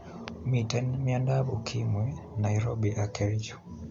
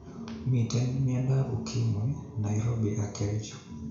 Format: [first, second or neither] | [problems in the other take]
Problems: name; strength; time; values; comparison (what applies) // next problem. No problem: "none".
first | room echo; dies away in 0.6 s